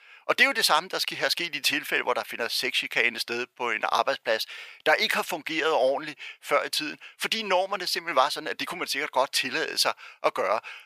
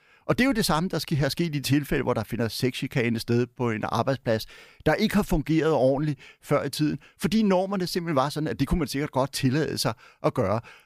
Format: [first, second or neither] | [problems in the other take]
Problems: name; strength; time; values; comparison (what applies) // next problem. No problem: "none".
second | thin; very; fading below 700 Hz